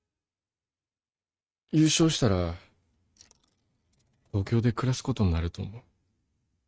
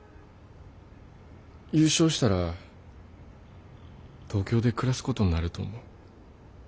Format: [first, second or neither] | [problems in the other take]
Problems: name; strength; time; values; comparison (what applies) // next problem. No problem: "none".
second | noise reduction (neural mask model RNNoise)